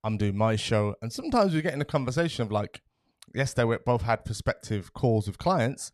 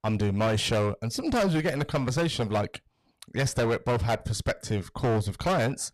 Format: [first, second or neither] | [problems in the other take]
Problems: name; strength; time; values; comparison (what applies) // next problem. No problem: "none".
first | distortion; heavy; 16% of the sound clipped